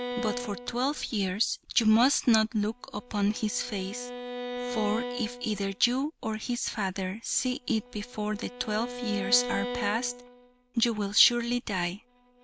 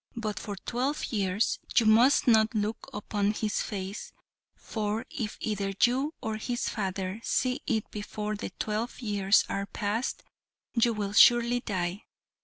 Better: second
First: background sound (Bowed string instrument); 10 dB below the speech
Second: none

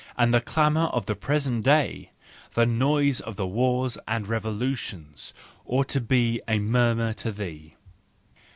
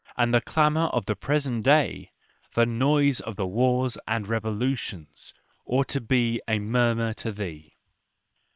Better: first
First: none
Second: noise reduction (neural separator model SepFormer WHAM!)

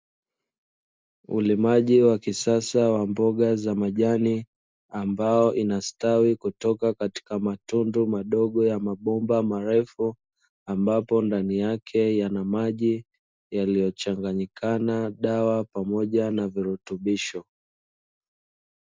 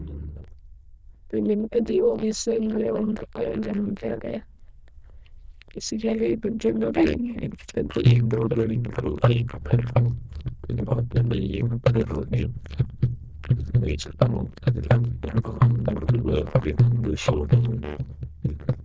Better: first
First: none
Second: noise reduction (neural diffusion model UNIVERSE++)

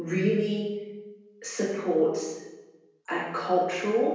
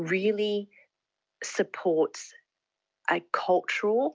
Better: second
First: room echo; dies away in 1 s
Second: none

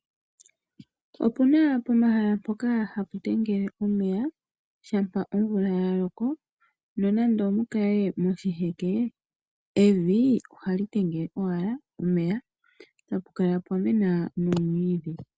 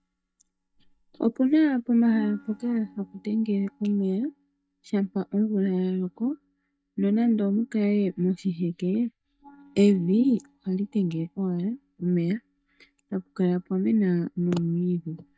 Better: first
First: none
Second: noise reduction (neural mask model DeepFilterNet 3)

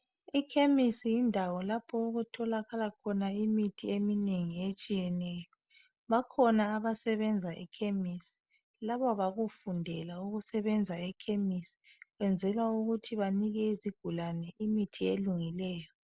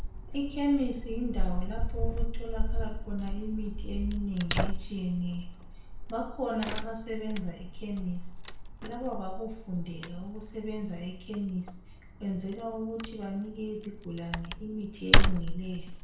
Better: first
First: none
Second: background sound (Tearing / Wood); 5 dB above the speech // room echo; dies away in 0.5 s

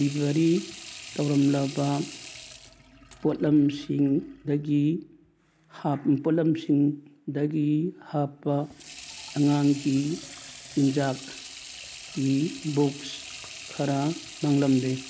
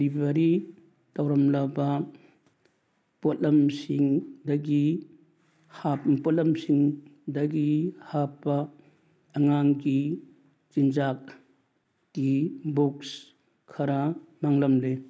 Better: second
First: background sound (Sink (filling or washing) / Water tap, faucet); 17 dB below the speech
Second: none

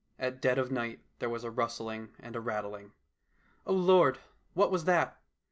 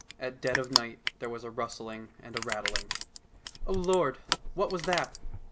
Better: first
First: none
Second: background sound (Crushing); 2 dB below the speech

